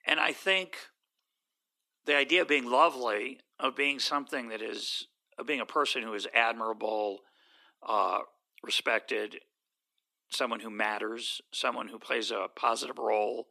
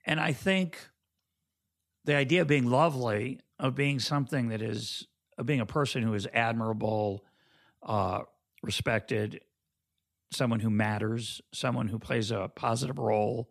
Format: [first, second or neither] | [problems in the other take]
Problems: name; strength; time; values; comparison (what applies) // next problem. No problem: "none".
second | thin; somewhat; fading below 300 Hz